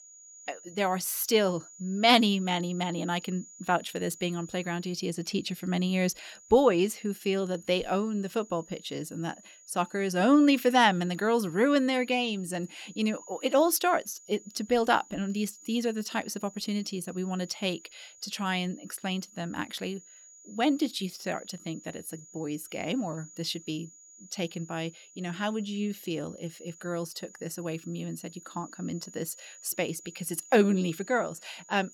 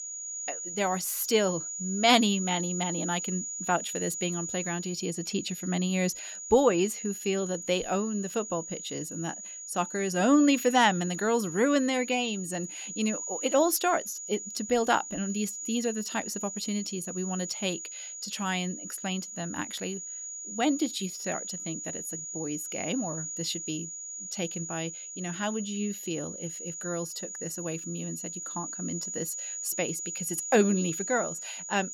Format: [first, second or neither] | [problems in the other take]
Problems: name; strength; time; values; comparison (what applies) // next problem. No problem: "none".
first | high-pitched whine; loud; throughout; 7 kHz, 6 dB below the speech; faint in the first